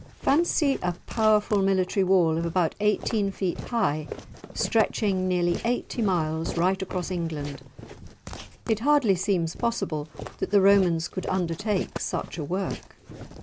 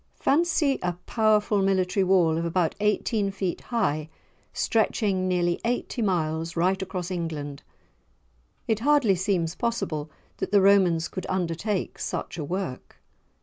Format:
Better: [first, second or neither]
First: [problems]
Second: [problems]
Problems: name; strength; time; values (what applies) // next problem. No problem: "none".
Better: second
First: background sound (Walk, footsteps); 14 dB below the speech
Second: none